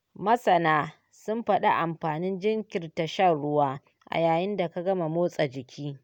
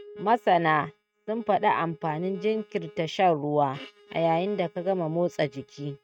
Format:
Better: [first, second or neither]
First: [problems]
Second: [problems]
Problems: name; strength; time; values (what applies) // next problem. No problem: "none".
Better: first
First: none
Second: noise reduction (neural mask model RNNoise)